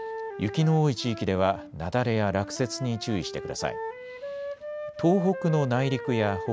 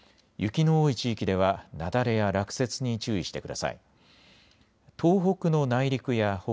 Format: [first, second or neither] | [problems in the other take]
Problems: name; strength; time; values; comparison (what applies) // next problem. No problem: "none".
second | background sound (Wind instrument, woodwind instrument); 10 dB below the speech